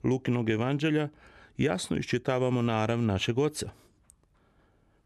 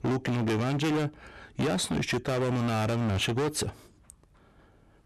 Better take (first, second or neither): first